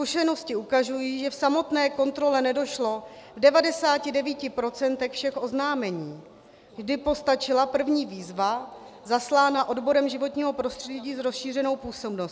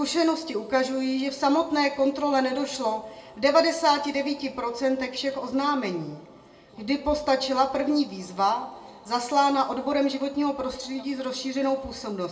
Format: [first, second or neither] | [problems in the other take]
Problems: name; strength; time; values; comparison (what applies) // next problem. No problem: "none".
first | room echo; dies away in 0.5 s